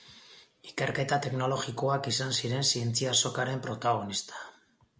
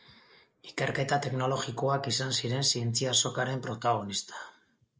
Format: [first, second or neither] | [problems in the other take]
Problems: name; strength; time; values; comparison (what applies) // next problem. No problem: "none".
first | noise reduction (neural mask model Resemble Enhance denoiser)